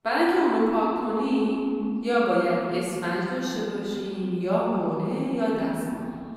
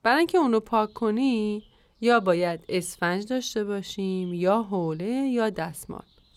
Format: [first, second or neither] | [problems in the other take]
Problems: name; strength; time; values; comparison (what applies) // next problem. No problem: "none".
second | room echo; strong; dies away in 2.4 s // off-mic speech; far